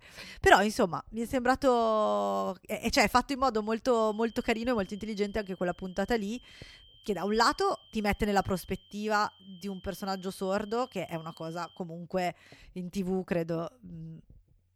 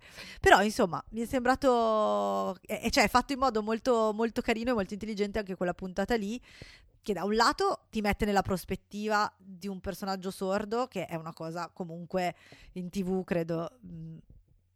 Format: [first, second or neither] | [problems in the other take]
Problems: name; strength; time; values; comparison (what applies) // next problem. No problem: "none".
second | high-pitched whine; faint; from 4 to 12 s; 3 kHz, 25 dB below the speech